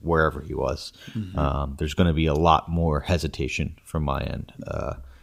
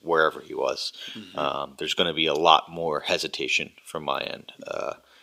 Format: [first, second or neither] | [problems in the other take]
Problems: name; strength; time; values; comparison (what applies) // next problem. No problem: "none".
first | thin; very; fading below 400 Hz